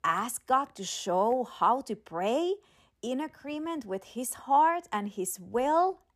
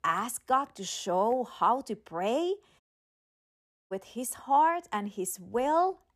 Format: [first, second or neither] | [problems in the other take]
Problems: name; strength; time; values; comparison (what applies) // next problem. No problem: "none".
first | audio cutting out; at 3 s for 1 s